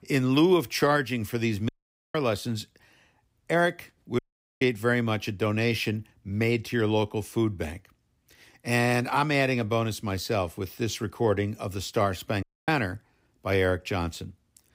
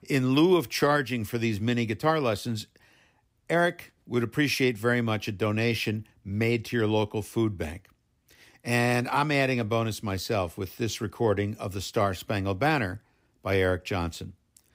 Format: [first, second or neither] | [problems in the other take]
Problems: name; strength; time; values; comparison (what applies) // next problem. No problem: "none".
second | audio cutting out; at 1.5 s, at 4 s and at 12 s